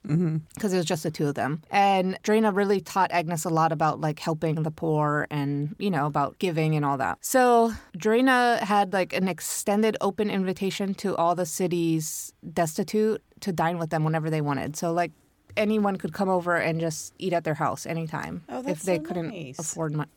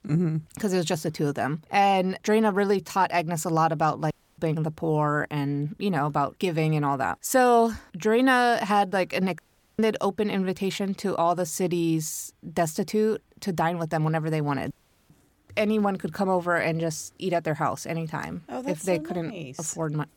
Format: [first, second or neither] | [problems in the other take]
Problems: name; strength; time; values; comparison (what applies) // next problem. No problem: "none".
first | audio cutting out; at 4 s, at 9.5 s and at 15 s